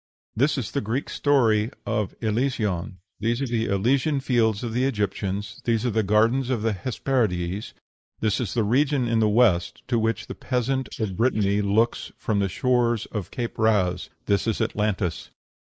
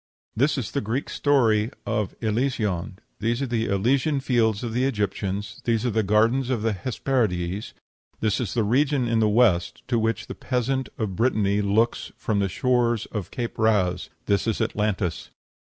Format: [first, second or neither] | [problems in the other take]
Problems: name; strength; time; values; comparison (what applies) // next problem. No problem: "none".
second | noise reduction (neural mask model Resemble Enhance denoiser)